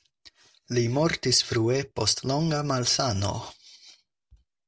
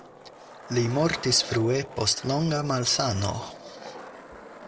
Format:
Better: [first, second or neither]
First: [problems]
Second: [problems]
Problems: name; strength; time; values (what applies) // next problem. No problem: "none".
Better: first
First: none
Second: background sound (Skateboard); 14 dB below the speech